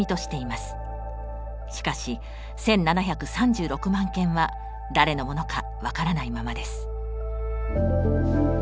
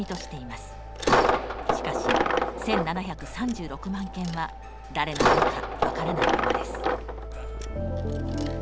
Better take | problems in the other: first | background sound (Coin (dropping)); 5 dB above the speech

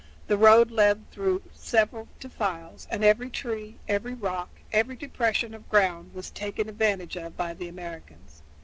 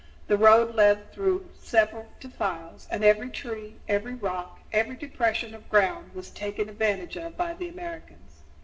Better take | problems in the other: first | room echo; dies away in 0.7 s

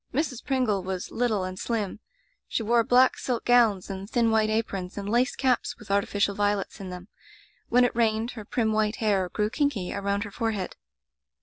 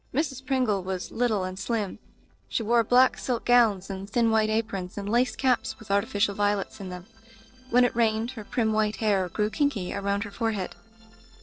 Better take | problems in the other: first | noise reduction (neural separator model SepFormer DNS4)

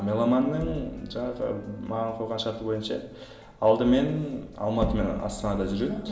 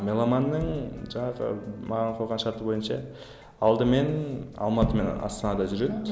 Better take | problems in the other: second | room echo; dies away in 1.6 s

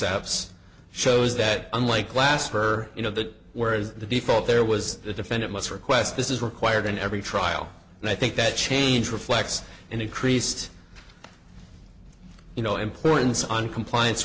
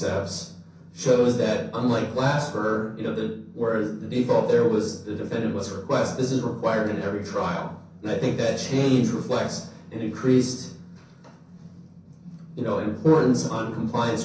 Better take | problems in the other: first | room echo; dies away in 0.6 s

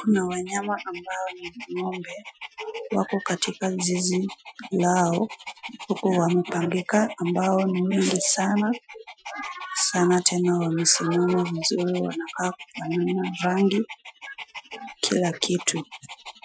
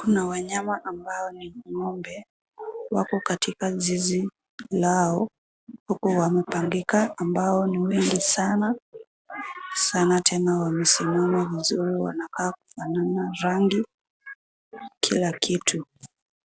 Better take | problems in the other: second | noise reduction (classical method Wiener filter)

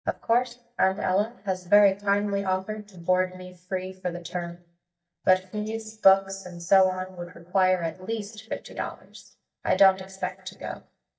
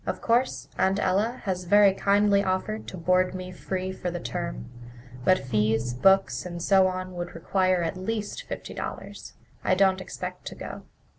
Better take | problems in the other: second | noise reduction (neural mask model DeepFilterNet 3)

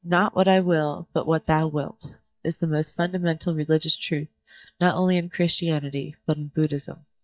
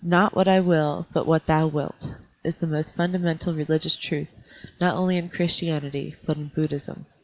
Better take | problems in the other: second | noise reduction (neural mask model DeepFilterNet 3)

